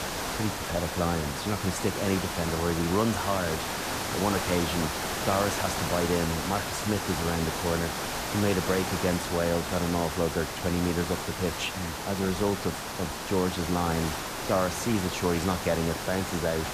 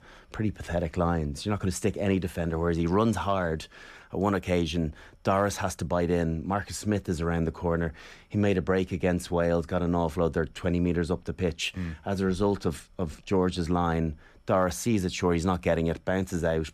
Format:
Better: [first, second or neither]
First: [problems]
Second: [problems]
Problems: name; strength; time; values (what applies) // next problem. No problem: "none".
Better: second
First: hiss; loud; throughout; 2 dB below the speech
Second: none